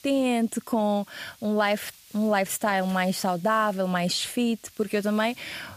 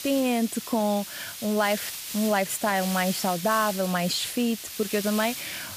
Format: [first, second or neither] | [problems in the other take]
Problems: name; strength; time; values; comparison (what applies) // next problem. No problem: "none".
first | hiss; loud; throughout; 7 dB below the speech; faint in the first